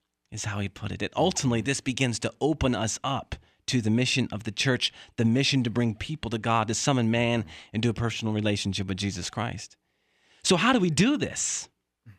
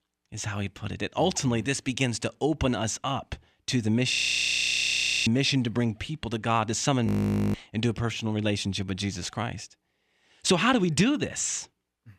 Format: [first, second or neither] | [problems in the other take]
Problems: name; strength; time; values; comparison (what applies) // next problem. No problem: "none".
first | audio freezing; at 4 s for 1 s and at 7 s